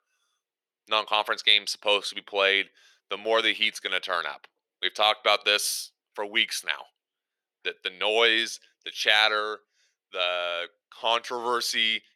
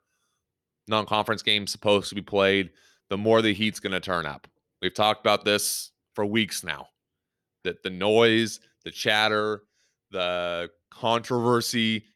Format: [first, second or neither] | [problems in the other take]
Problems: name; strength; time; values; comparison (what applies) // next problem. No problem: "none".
second | thin; very; fading below 600 Hz